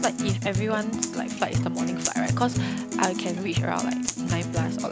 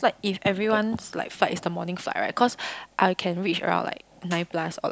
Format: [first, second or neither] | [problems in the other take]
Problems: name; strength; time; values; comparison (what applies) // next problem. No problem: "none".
second | background sound (Acoustic guitar); 2 dB above the speech